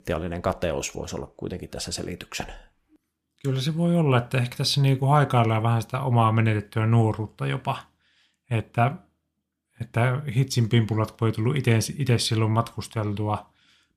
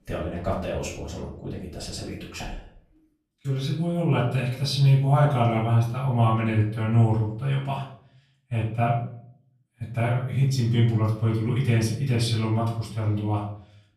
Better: first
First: none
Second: off-mic speech; far // room echo; noticeable; dies away in 0.5 s

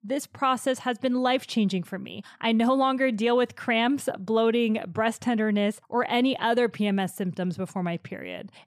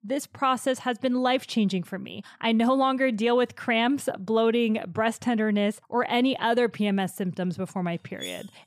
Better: first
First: none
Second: clattering dishes; faint; at 8 s; peak 15 dB below the speech

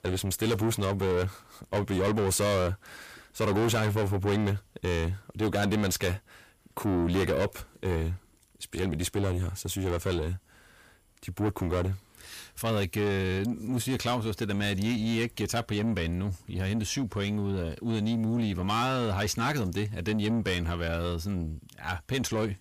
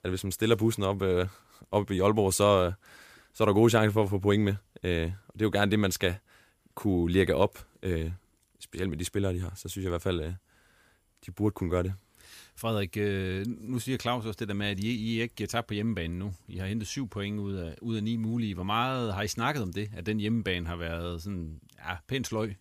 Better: second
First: distortion; heavy; 6 dB below the speech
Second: none

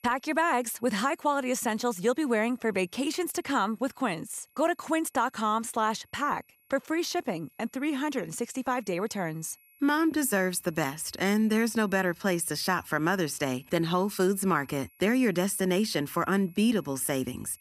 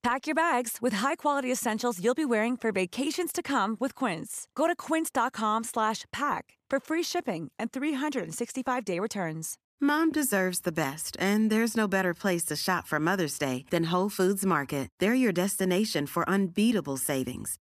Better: second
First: high-pitched whine; faint; throughout; 11.5 kHz, 30 dB below the speech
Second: none

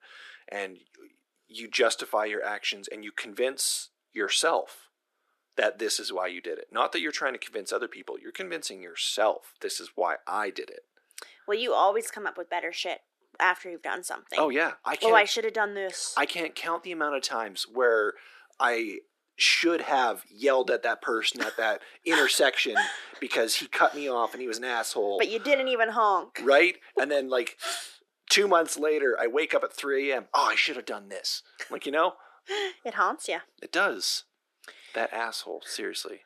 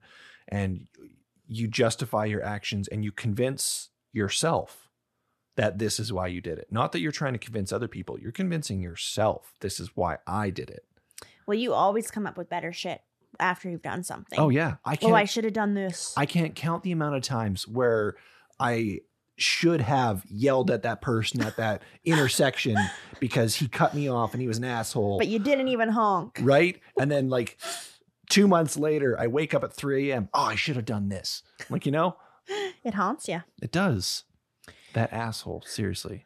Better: second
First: thin; very; fading below 350 Hz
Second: none

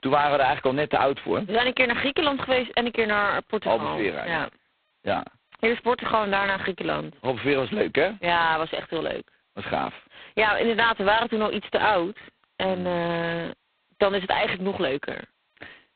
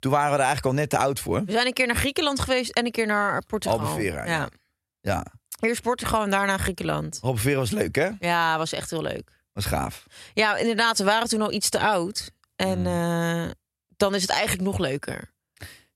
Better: second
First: phone-call audio; poor line; nothing above 4 kHz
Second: none

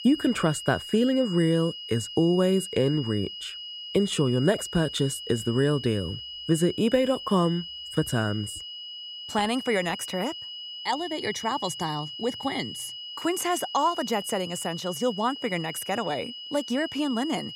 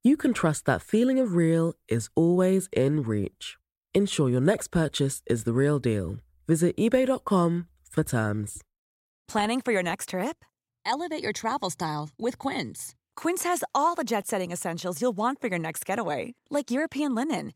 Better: second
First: high-pitched whine; loud; throughout; 3 kHz, 9 dB below the speech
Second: none

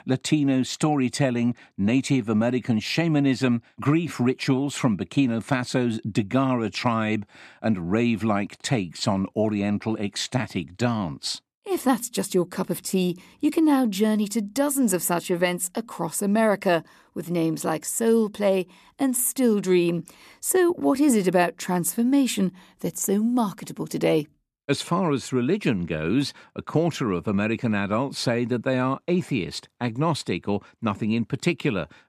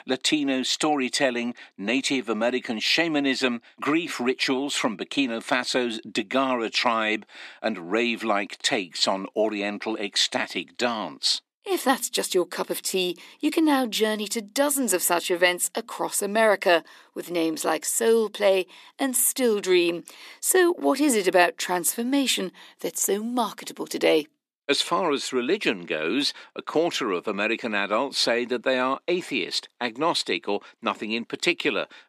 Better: first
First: none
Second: thin; somewhat; fading below 300 Hz

